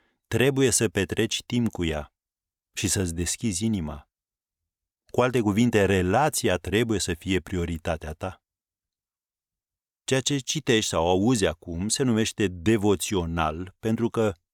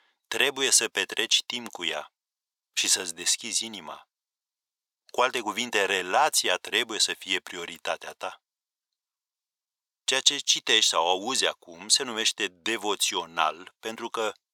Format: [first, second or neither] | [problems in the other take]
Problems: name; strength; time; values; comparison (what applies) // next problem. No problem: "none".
first | thin; very; fading below 600 Hz